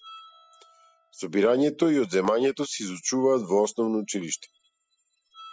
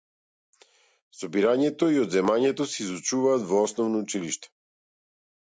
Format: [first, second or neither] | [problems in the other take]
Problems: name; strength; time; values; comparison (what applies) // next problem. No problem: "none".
second | noise reduction (classical method spectral subtraction)